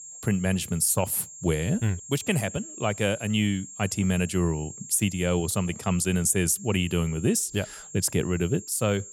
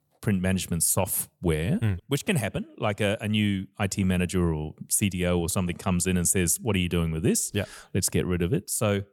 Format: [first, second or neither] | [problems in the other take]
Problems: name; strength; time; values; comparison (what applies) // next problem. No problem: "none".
second | high-pitched whine; noticeable; throughout; 7.5 kHz, 15 dB below the speech